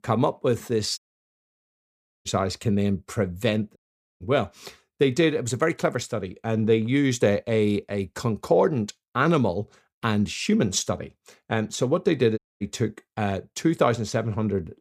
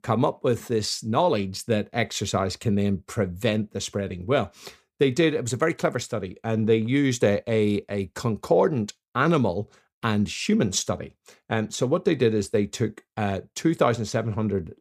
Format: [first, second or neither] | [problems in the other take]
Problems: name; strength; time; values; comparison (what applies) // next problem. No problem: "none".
second | audio cutting out; at 1 s for 1.5 s, at 4 s and at 12 s